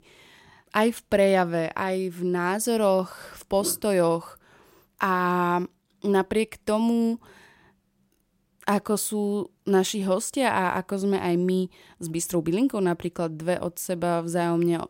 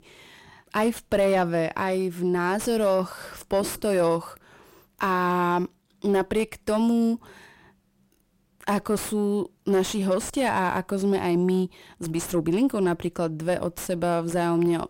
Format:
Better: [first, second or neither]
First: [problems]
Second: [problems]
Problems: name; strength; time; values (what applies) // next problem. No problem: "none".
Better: first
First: none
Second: distortion; slight; 10 dB below the speech